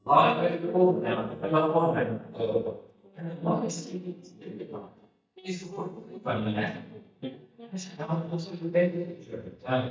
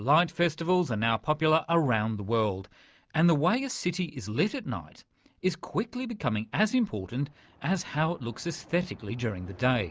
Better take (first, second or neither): second